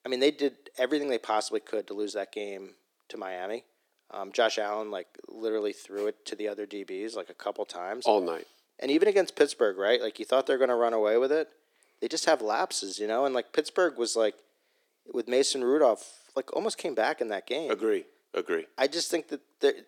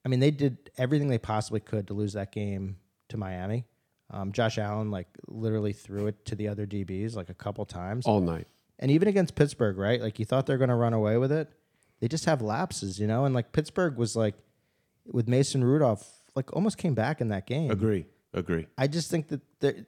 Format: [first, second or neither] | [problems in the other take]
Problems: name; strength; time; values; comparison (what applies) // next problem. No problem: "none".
second | thin; very; fading below 350 Hz